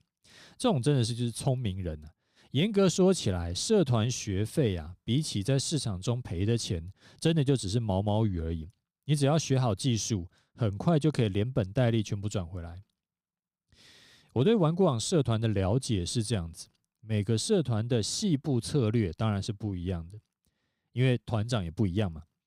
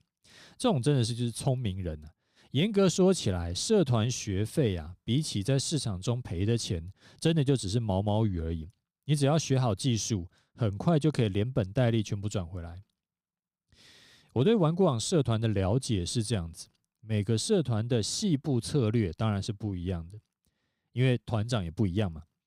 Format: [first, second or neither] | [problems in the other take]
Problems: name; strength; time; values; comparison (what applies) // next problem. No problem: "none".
neither | none